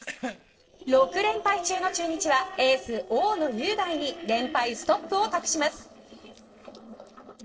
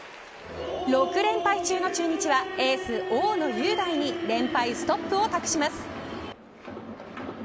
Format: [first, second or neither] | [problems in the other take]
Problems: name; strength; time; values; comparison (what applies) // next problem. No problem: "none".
second | noise reduction (neural separator model SepFormer DNS4)